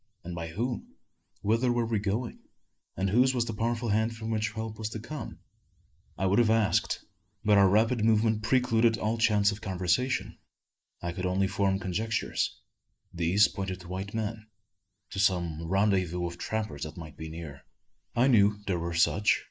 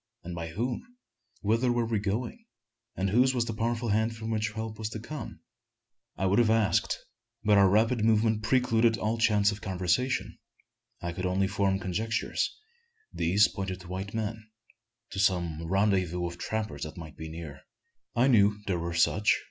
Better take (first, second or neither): second